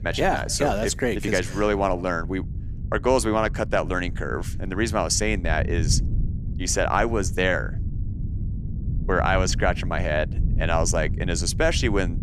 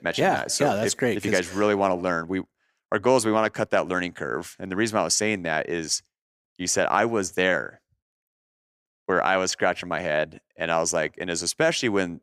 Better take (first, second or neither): second